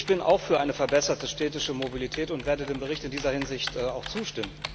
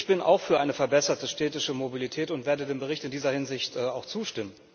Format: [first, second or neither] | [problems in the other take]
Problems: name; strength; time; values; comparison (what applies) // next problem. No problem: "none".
second | background sound (Typing); 12 dB below the speech